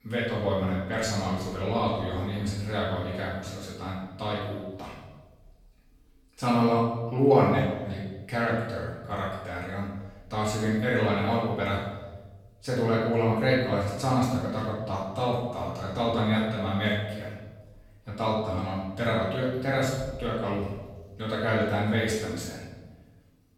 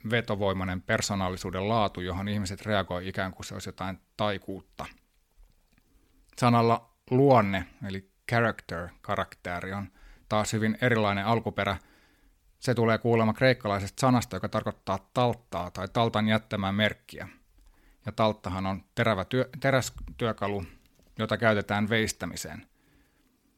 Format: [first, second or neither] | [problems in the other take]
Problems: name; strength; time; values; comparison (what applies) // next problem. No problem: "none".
second | off-mic speech; far // room echo; strong; dies away in 1.1 s